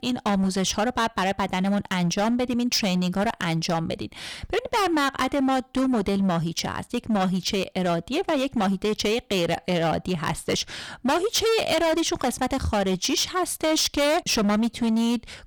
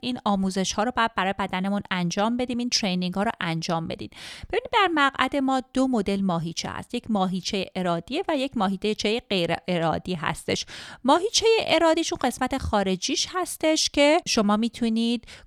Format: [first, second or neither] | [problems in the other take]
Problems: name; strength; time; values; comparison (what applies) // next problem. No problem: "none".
second | distortion; heavy; 16% of the sound clipped